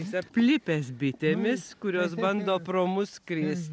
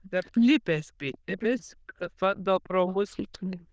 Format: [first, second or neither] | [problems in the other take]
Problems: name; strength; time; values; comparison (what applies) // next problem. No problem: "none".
first | noise reduction (neural diffusion model UNIVERSE++)